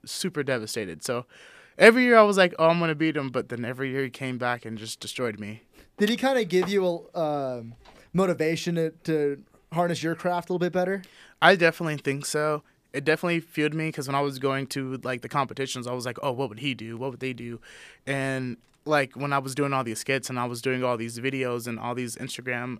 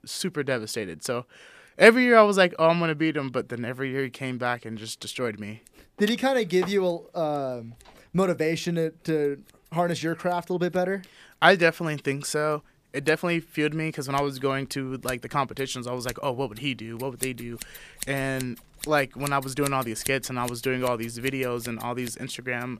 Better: first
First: none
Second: household noises; noticeable; throughout; 15 dB below the speech

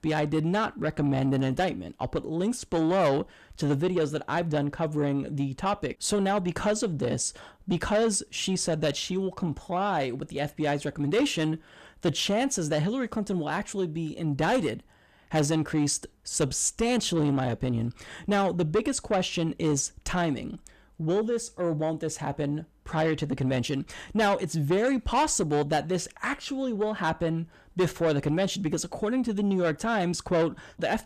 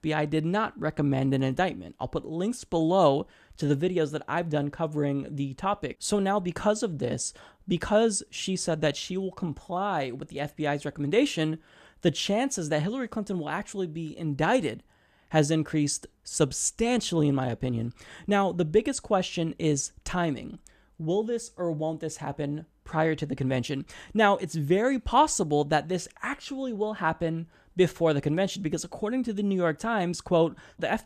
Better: second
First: distortion; slight; 10 dB below the speech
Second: none

